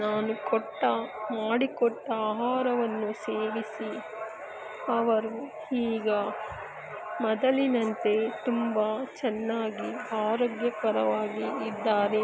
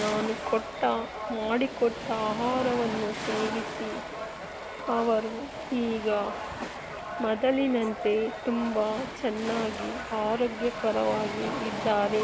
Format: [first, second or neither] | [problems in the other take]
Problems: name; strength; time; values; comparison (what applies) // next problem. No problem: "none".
first | background sound (Waves, surf); 10 dB below the speech